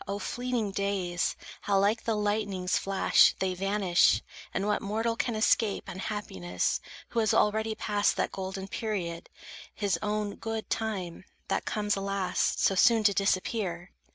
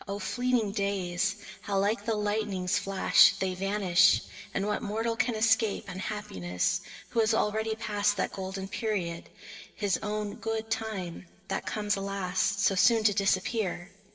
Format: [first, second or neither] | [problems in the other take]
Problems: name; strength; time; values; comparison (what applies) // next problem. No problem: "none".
first | room echo; dies away in 2.8 s